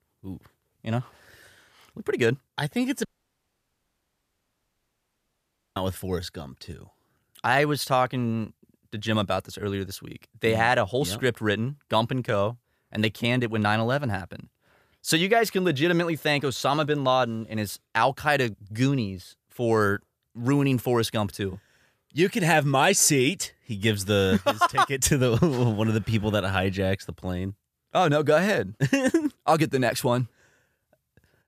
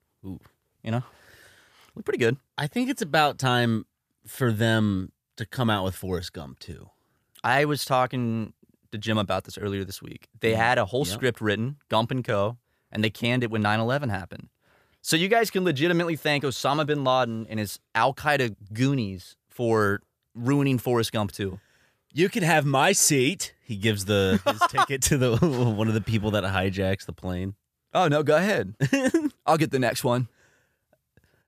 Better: second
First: audio cutting out; at 3 s for 2.5 s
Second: none

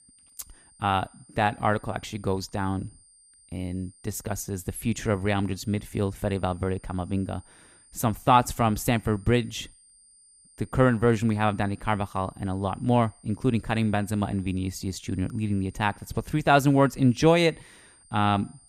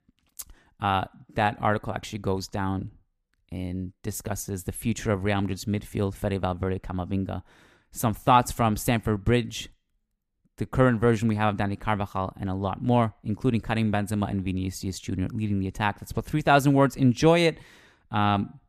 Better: second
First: high-pitched whine; faint; throughout; 9 kHz, 30 dB below the speech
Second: none

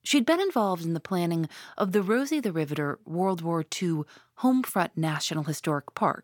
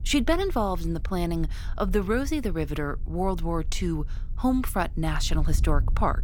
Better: first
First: none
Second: wind noise on the microphone; occasional gusts; 25 dB below the speech

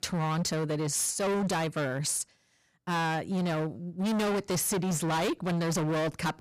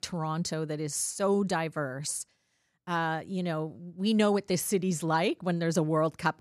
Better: second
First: distortion; heavy; 31% of the sound clipped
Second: none

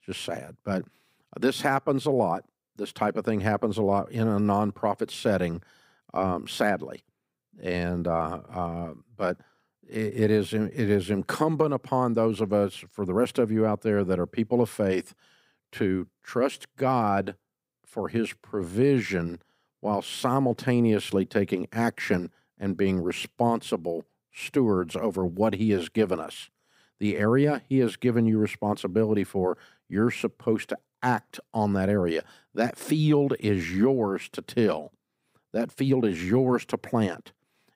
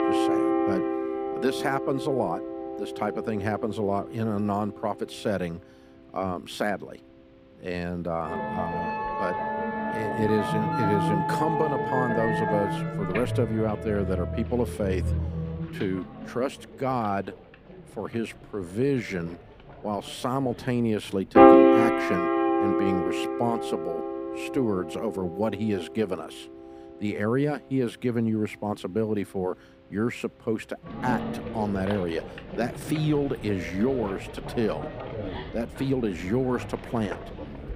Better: first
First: none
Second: background music; very loud; throughout; 2 dB above the speech

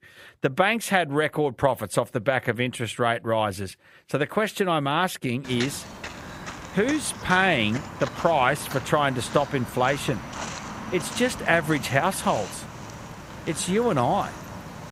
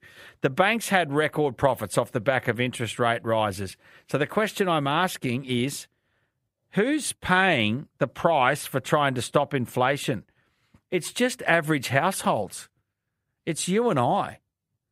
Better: second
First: footsteps; noticeable; from 5.5 s on; peak 8 dB below the speech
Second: none

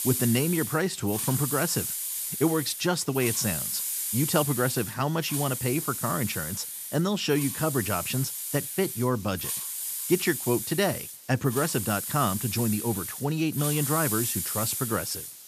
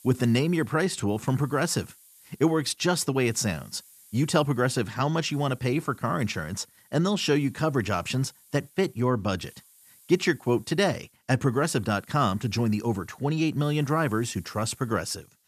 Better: second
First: hiss; loud; throughout; 3 dB below the speech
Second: hiss; faint; throughout; 25 dB below the speech

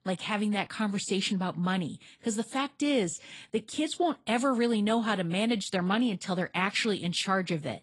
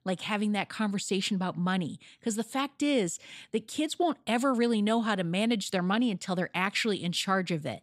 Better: second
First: garbled, watery; slightly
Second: none

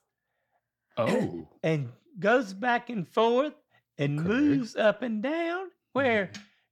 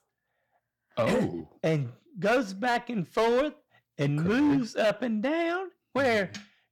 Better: first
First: none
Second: distortion; slight; 7% of the sound clipped

